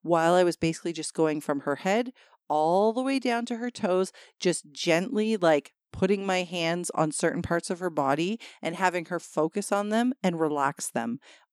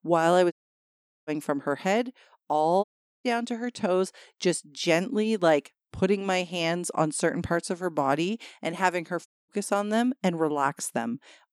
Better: first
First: none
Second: audio cutting out; at 0.5 s for 1 s, at 3 s and at 9.5 s

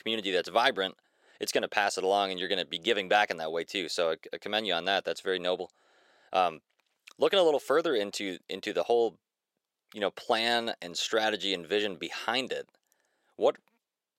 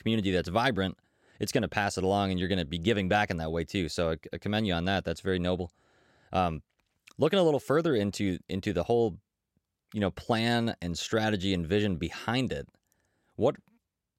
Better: second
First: thin; somewhat; fading below 500 Hz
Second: none

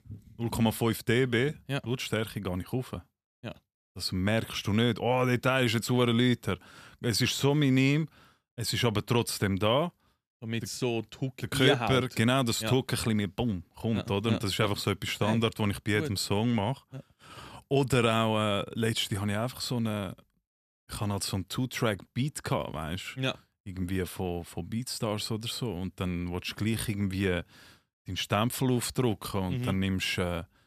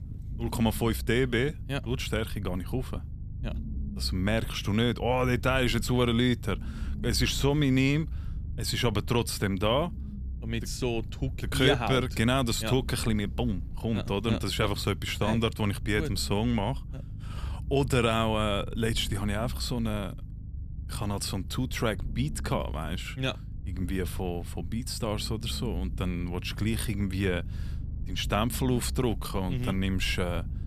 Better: first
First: none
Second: low rumble; faint; throughout; 20 dB below the speech

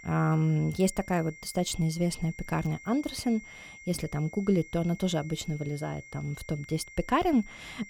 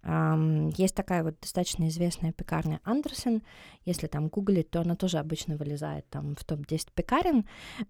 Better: second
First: high-pitched whine; noticeable; throughout; 2 kHz, 15 dB below the speech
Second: none

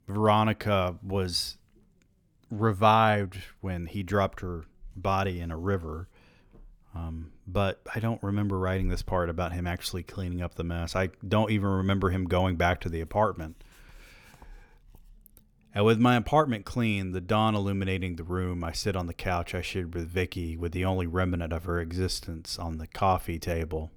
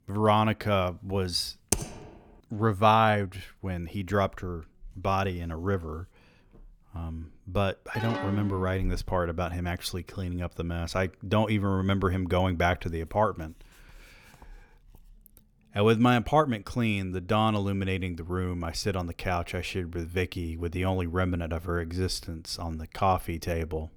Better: first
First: none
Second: keyboard typing; noticeable; at 1.5 s; peak 1 dB below the speech // phone ringing; noticeable; from 8 to 9 s; peak 6 dB below the speech

